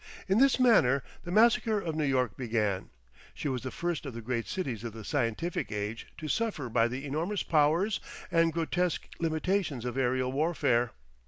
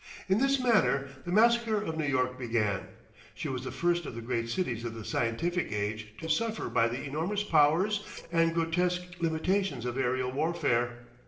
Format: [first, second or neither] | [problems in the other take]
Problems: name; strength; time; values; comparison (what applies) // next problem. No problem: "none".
first | noise reduction (neural separator model SepFormer DNS4)